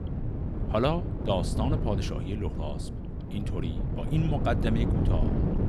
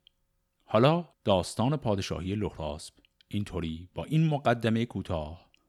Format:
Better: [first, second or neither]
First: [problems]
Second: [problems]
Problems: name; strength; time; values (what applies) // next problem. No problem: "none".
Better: second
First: wind noise on the microphone; heavy; 6 dB below the speech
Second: none